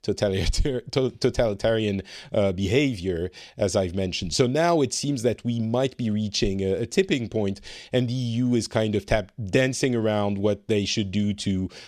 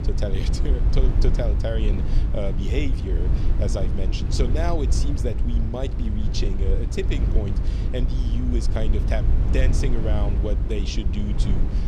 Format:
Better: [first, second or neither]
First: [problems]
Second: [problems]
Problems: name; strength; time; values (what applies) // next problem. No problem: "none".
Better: first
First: none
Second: low rumble; loud; throughout; 6 dB below the speech